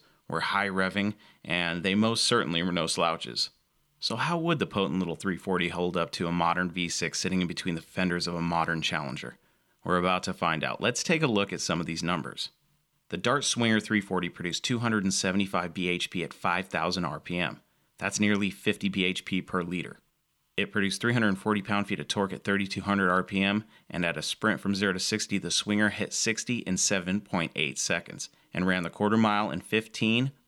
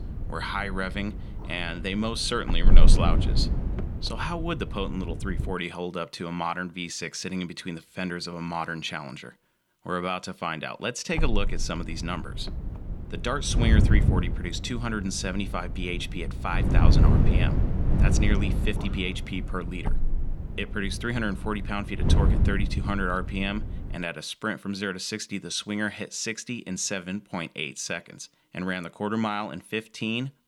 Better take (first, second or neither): first